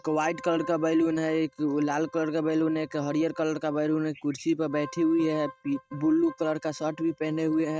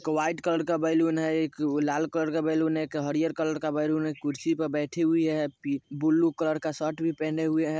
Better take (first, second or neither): second